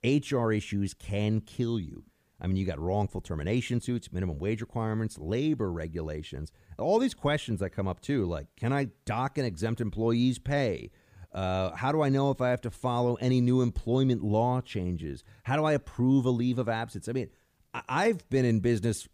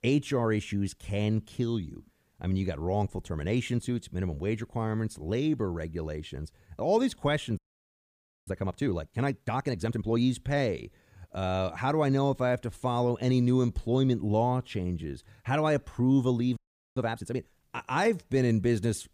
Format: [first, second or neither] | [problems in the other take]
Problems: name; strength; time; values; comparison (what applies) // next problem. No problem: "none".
first | audio freezing; at 7.5 s for 1 s and at 17 s